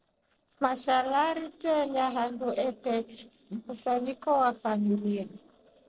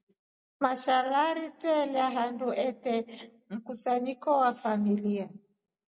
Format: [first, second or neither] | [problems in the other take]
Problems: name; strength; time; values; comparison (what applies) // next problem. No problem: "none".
second | noise reduction (neural separator model SepFormer DNS4)